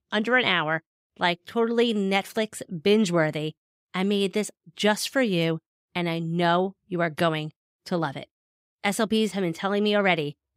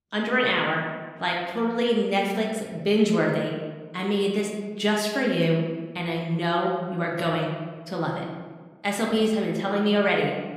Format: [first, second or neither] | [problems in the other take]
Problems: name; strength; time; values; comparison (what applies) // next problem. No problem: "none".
first | room echo; noticeable; dies away in 1.2 s // off-mic speech; somewhat distant